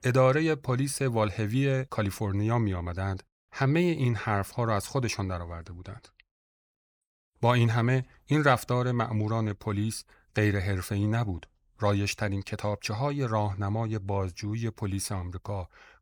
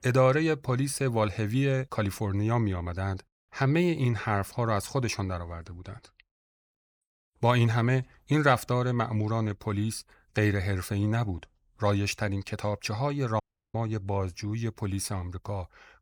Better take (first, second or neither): first